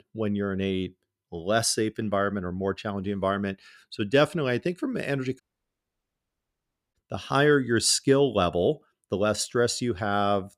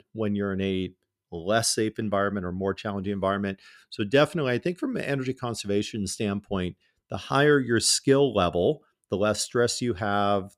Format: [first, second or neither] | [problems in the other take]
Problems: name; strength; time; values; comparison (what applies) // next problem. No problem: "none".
second | audio cutting out; at 5.5 s for 1.5 s